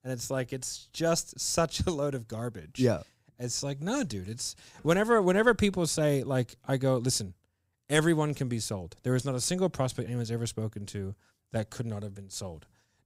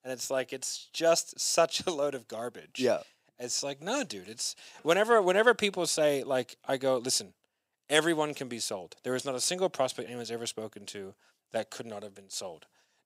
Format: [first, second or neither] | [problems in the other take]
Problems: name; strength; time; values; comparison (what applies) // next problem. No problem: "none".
first | thin; somewhat; fading below 350 Hz